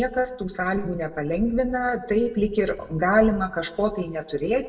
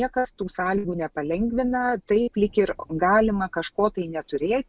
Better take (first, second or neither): second